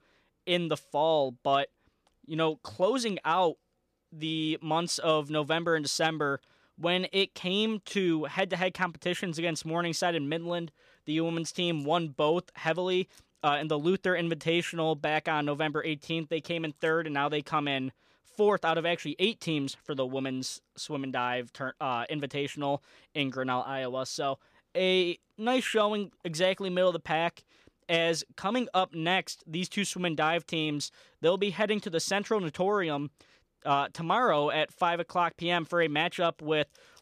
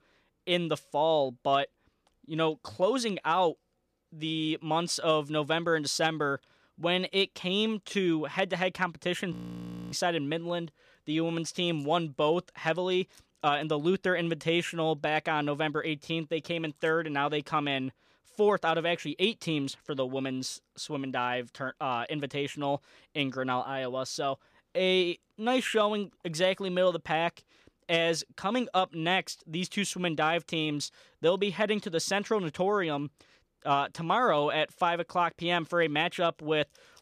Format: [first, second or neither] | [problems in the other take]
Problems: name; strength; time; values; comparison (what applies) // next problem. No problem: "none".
first | audio freezing; at 9.5 s for 0.5 s